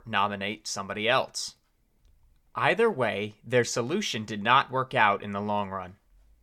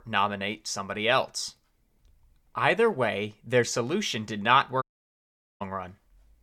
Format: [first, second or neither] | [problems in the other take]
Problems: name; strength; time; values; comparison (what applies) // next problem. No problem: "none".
first | audio cutting out; at 5 s for 1 s